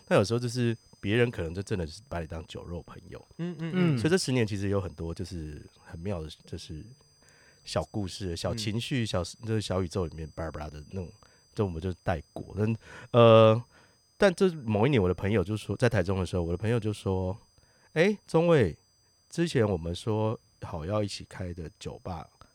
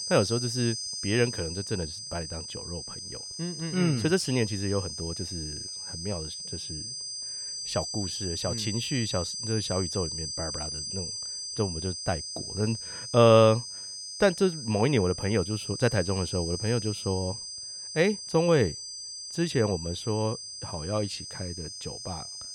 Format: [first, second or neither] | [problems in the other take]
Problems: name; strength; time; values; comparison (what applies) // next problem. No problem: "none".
first | high-pitched whine; loud; throughout; 5 kHz, 6 dB below the speech; faint in the first